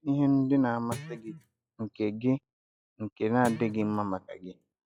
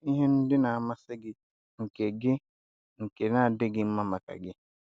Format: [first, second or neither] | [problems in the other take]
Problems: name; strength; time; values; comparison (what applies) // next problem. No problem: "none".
second | noise reduction (classical method log-MMSE)